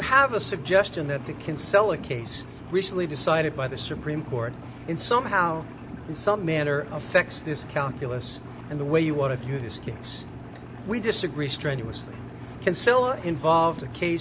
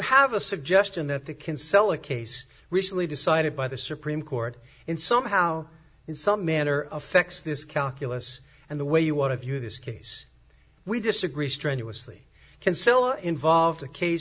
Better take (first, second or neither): second